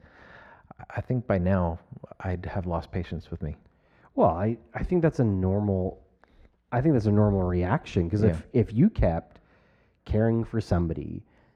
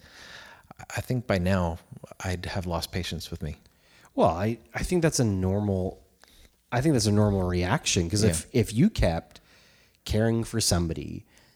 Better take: second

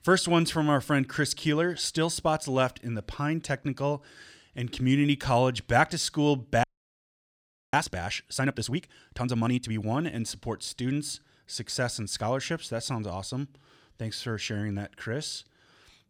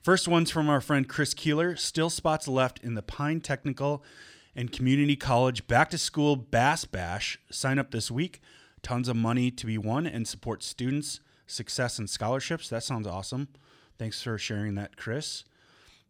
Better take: second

